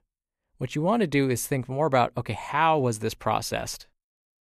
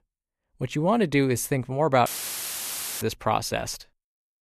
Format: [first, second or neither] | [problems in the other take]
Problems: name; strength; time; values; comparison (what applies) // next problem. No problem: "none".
first | audio cutting out; filled with static; at 2 s for 1 s